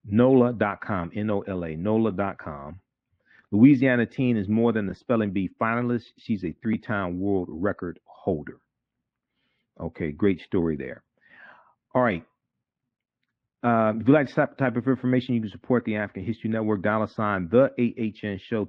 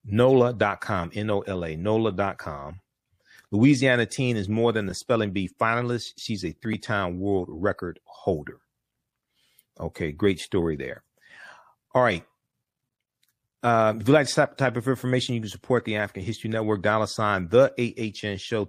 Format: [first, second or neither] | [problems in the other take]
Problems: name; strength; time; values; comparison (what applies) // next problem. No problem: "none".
second | muffled; very; fading above 2.5 kHz